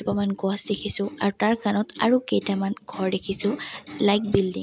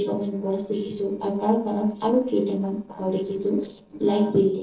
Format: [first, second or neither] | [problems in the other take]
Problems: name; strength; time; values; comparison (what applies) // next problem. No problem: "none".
first | noise reduction (neural separator model SepFormer DNS4)